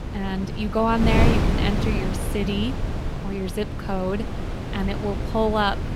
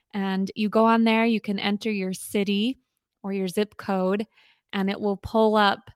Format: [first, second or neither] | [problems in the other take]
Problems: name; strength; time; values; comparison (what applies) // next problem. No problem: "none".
second | wind noise on the microphone; heavy; 5 dB below the speech